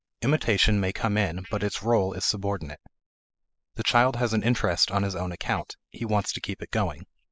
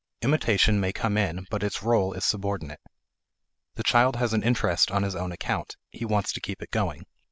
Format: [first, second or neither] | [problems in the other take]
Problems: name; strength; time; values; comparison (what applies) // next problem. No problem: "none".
second | noise reduction (neural mask model Resemble Enhance denoiser)